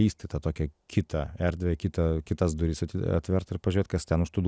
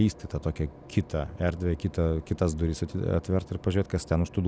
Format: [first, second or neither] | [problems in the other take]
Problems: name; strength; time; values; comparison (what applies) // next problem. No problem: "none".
first | background sound (Engine / Boat, Water vehicle); 20 dB below the speech